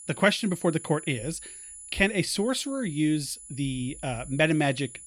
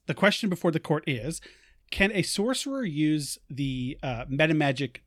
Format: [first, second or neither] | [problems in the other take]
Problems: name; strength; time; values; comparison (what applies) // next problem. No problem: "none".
second | high-pitched whine; noticeable; throughout; 10 kHz, 15 dB below the speech